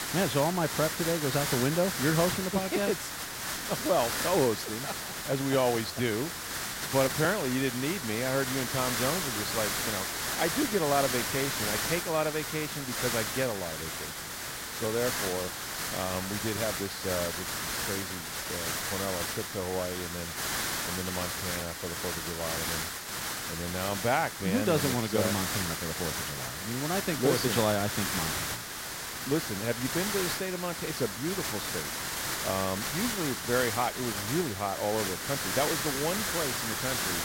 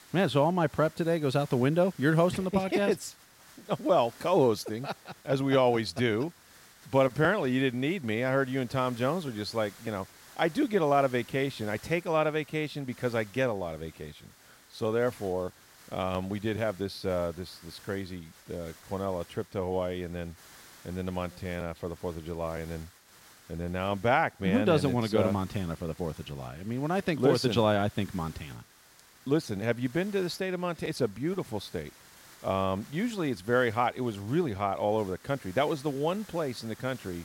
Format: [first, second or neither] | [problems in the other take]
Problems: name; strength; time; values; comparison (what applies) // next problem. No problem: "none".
second | hiss; loud; throughout; 1 dB below the speech; faint in the second